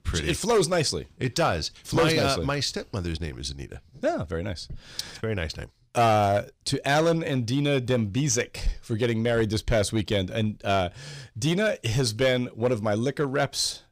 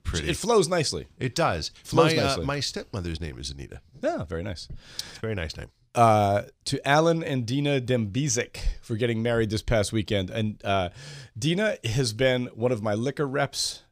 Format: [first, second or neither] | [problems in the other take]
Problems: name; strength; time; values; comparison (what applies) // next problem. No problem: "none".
second | distortion; slight; 4% of the sound clipped